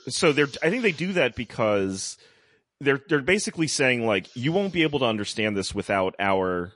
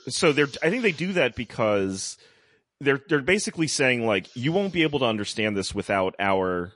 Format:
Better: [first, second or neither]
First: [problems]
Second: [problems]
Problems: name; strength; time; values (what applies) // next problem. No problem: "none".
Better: neither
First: garbled, watery; slightly; nothing above 10.5 kHz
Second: garbled, watery; slightly; nothing above 10.5 kHz